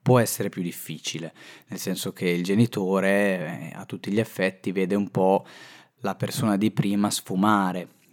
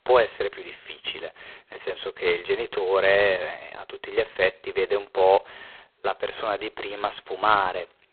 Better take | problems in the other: first | phone-call audio; poor line; nothing above 4 kHz

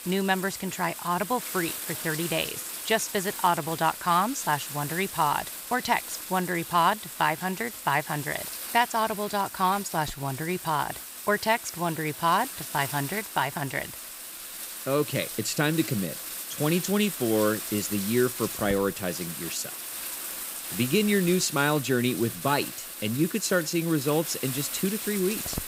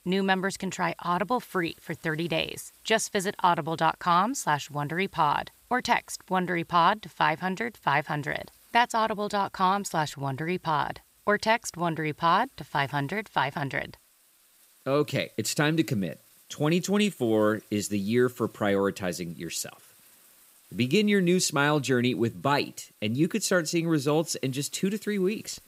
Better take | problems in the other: second | household noises; loud; throughout; 7 dB below the speech; faint in the second

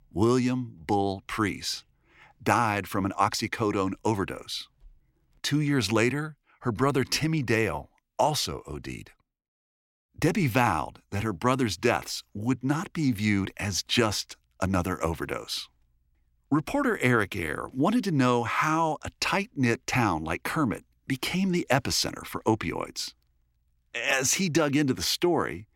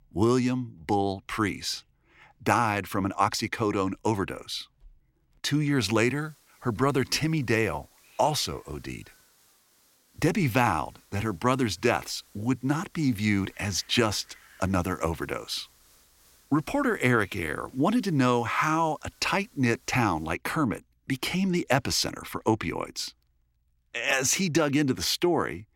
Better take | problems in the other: first | hiss; faint; from 6 to 20 s; 30 dB below the speech

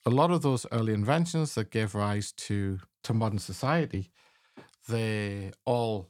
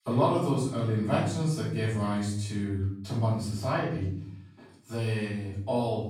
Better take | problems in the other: first | off-mic speech; far // room echo; noticeable; dies away in 0.6 s

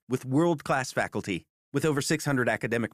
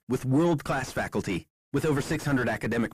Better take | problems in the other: first | distortion; heavy; 6 dB below the speech

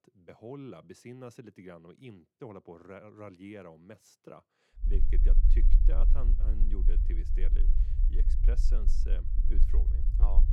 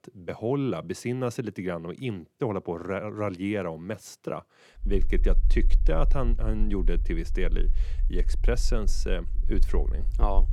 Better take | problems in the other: second | low rumble; loud; from 5 s on; 5 dB below the speech; faint in the second

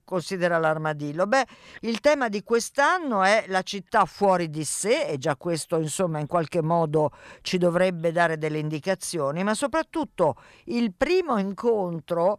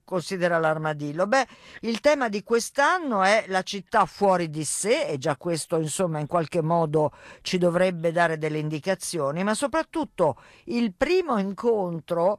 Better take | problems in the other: first | garbled, watery; slightly

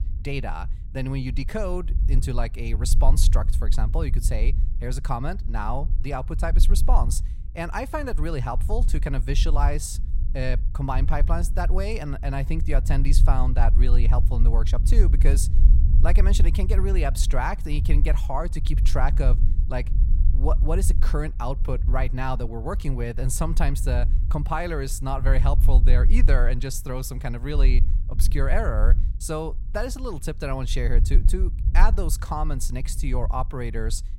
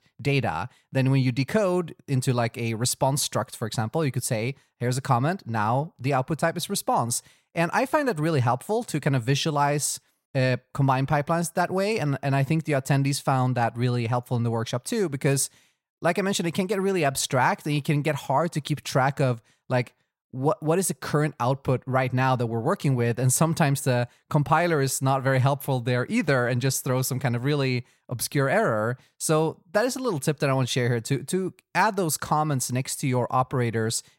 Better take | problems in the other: second | low rumble; noticeable; throughout; 15 dB below the speech

